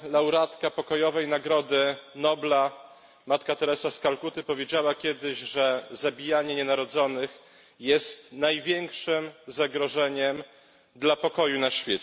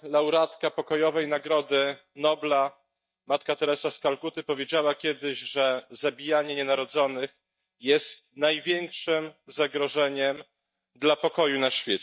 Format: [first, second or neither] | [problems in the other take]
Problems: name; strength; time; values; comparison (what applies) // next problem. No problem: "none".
first | noise reduction (neural mask model DeepFilterNet 3)